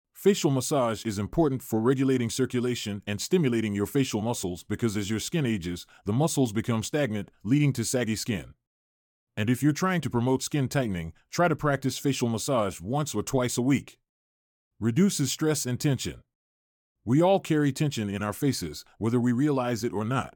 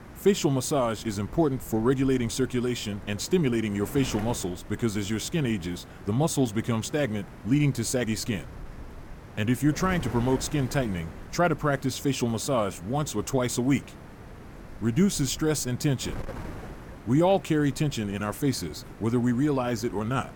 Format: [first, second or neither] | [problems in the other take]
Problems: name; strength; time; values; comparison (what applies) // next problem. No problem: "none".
first | wind noise on the microphone; occasional gusts; 15 dB below the speech